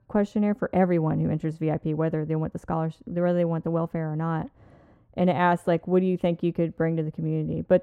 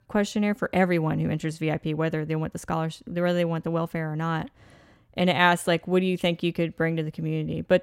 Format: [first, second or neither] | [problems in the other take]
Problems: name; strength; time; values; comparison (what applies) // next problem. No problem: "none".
second | muffled; very; fading above 1.5 kHz